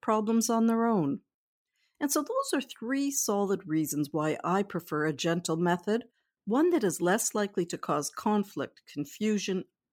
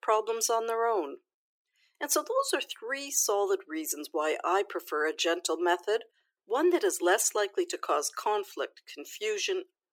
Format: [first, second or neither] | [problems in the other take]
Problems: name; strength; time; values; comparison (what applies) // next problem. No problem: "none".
first | thin; very; fading below 350 Hz